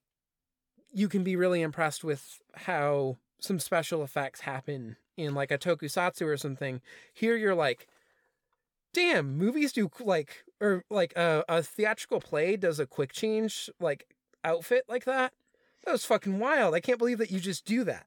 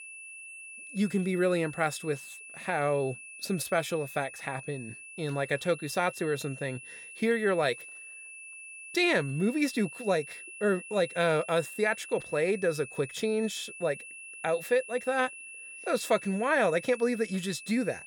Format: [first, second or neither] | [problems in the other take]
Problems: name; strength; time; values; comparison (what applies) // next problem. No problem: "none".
first | high-pitched whine; noticeable; throughout; 2.5 kHz, 15 dB below the speech